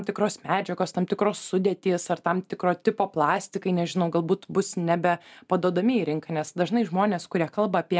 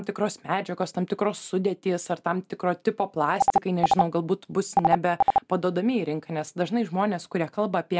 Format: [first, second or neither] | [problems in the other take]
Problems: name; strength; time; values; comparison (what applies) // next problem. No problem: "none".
first | background sound (Telephone); 1 dB above the speech